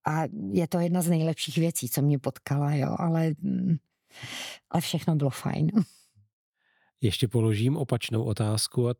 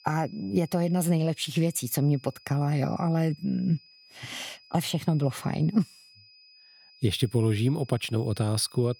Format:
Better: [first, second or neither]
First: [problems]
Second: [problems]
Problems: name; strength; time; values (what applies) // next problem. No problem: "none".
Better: first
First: none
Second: high-pitched whine; faint; throughout; 5 kHz, 25 dB below the speech